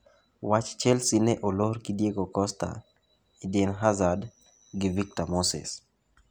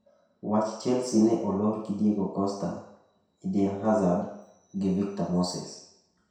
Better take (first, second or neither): first